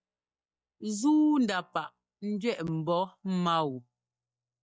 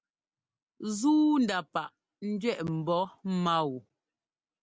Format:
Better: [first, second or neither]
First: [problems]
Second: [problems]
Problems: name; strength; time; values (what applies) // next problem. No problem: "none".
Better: second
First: noise reduction (neural mask model DeepFilterNet 3)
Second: none